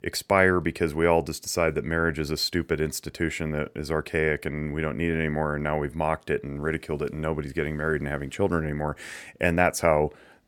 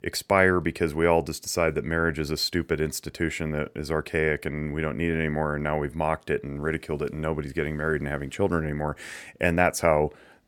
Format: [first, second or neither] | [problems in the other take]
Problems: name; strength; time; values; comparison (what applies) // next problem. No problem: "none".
neither | none